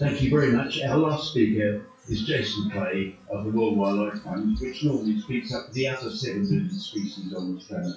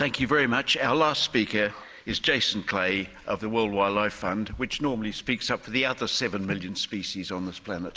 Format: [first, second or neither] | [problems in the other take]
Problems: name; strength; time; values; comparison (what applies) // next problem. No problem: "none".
second | noise reduction (classical method WPE with log-MMSE)